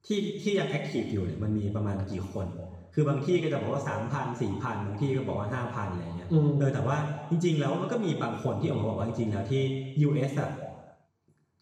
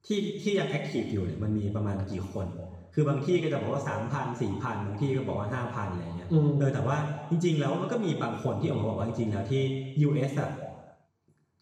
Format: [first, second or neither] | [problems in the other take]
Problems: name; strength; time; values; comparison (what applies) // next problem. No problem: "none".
neither | room echo; noticeable; dies away in 1.2 s; the same in both // off-mic speech; far; the same in both